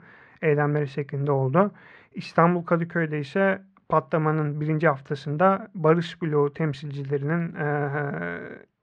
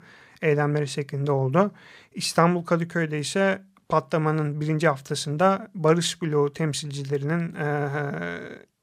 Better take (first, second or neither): second